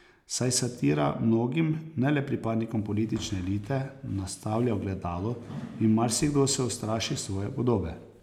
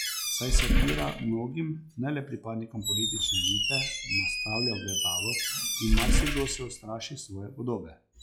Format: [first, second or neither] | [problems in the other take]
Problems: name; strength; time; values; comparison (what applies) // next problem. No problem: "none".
first | noise reduction (classical method log-MMSE)